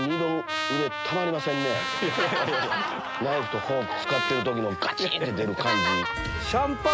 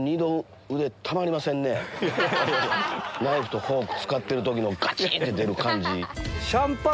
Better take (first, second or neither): second